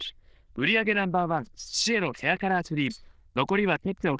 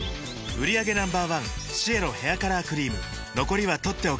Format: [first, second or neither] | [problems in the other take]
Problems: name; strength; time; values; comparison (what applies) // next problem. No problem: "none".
second | noise reduction (neural diffusion model UNIVERSE++)